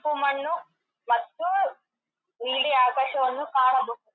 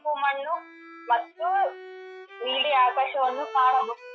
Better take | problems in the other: first | noise reduction (classical method log-MMSE)

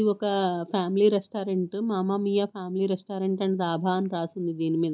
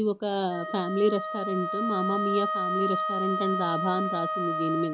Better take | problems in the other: first | background sound (Wind instrument, woodwind instrument); 2 dB below the speech

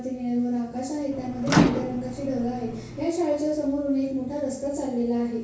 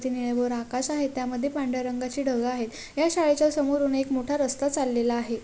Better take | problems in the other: second | background sound (Microwave oven); 3 dB below the speech // room echo; dies away in 0.6 s

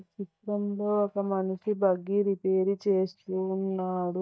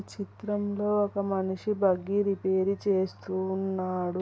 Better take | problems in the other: second | noise reduction (neural mask model DeepFilterNet 3)

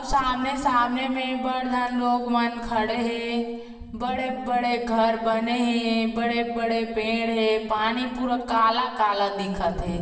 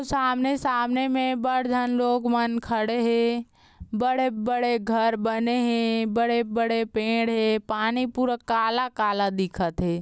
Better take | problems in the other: second | room echo; dies away in 1.3 s

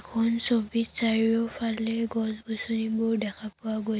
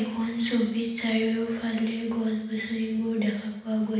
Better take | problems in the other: first | room echo; dies away in 0.9 s

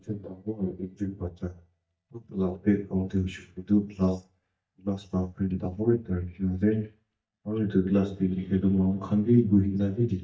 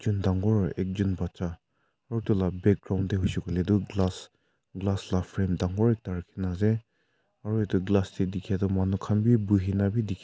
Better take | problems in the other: second | noise reduction (neural mask model DeepFilterNet 3)

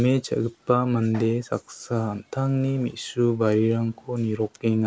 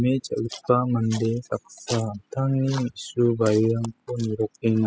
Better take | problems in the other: first | noise reduction (classical method spectral subtraction)

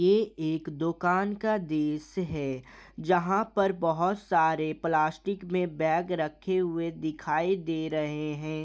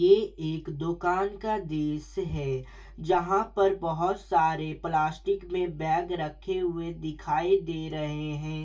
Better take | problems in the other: first | room echo; dies away in 0.1 s

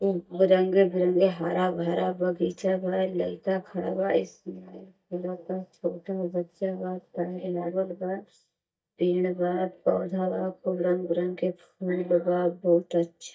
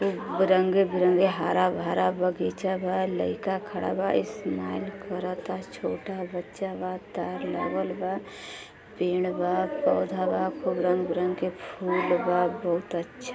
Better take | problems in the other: second | noise reduction (neural mask model DeepFilterNet 3)

